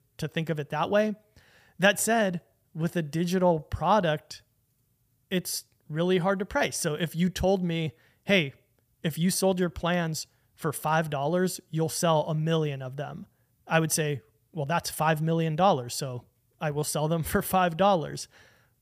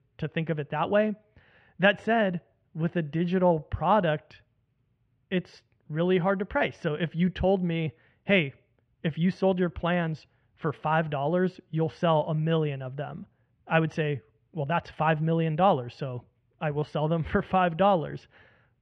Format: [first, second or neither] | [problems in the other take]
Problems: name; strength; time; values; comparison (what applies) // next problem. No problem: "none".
first | muffled; very; fading above 2.5 kHz